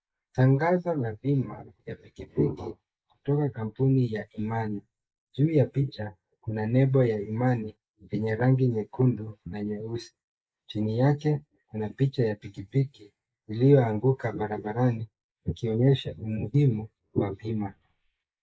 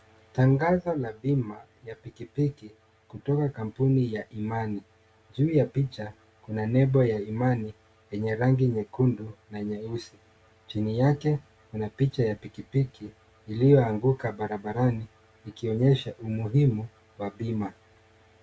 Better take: second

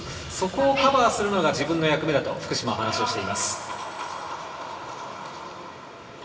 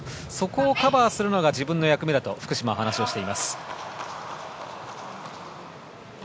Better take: second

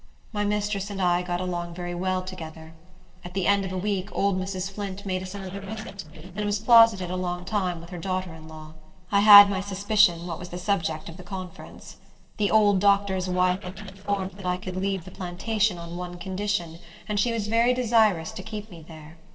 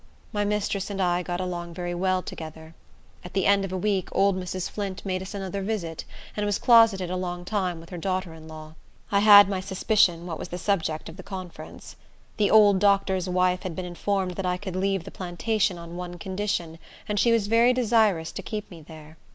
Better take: second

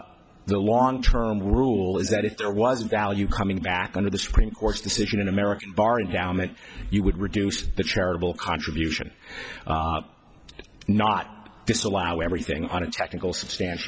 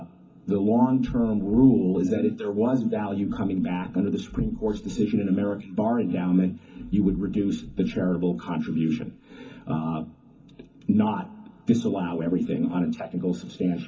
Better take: first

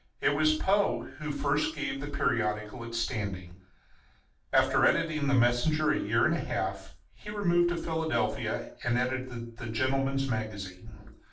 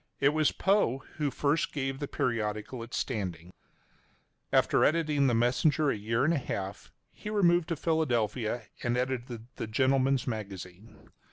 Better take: second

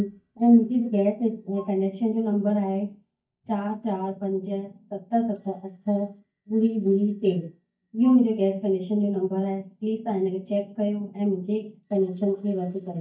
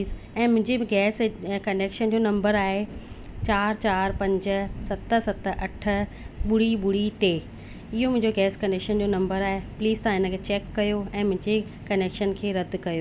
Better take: second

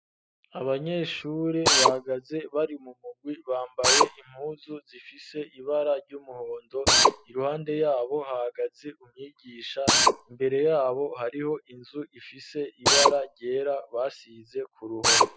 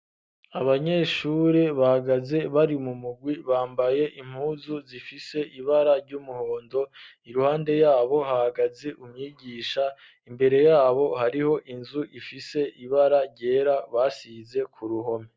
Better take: second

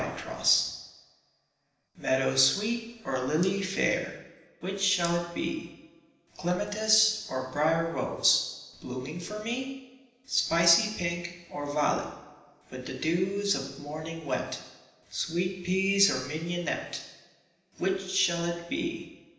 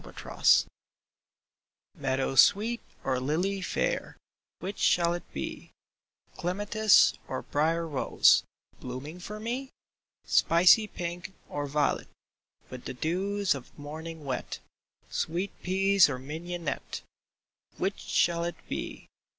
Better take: second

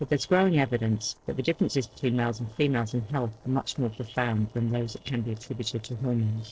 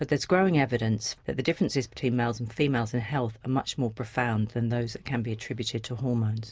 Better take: second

